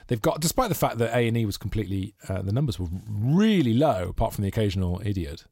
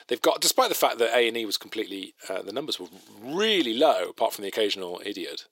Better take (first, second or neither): first